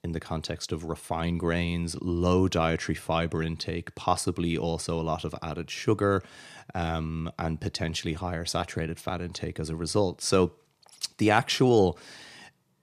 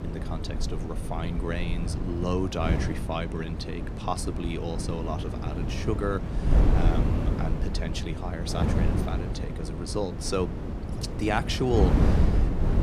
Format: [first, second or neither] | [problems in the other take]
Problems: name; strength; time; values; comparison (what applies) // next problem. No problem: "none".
first | wind noise on the microphone; heavy; 4 dB below the speech